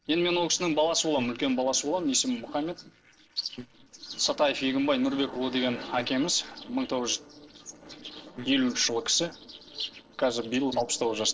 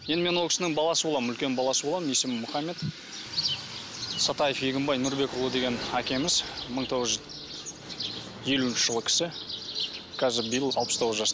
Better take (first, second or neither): second